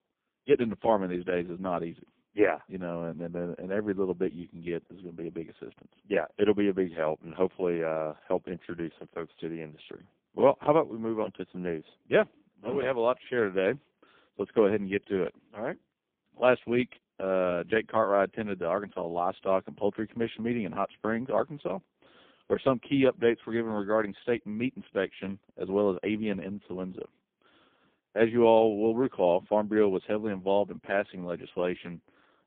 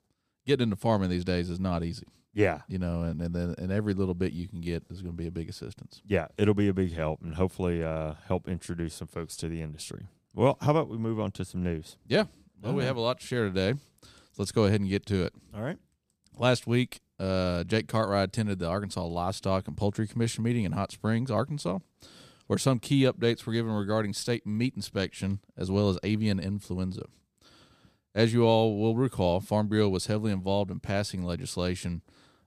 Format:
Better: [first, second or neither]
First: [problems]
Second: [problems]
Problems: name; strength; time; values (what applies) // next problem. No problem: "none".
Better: second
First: phone-call audio; poor line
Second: none